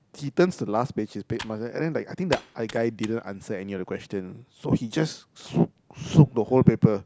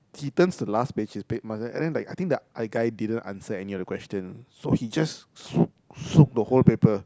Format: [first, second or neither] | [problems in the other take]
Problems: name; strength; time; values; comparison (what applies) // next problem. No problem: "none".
second | background sound (Computer keyboard); 16 dB below the speech